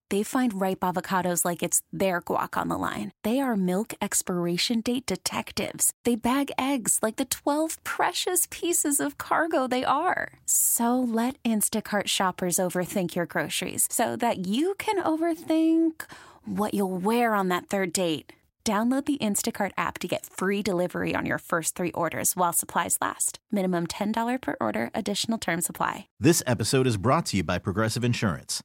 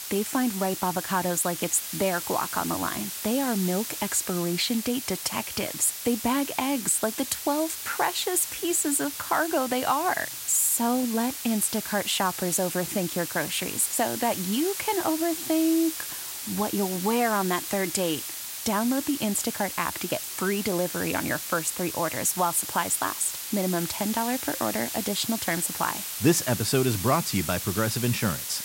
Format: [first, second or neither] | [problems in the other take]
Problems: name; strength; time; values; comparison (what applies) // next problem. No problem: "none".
first | hiss; loud; throughout; 5 dB below the speech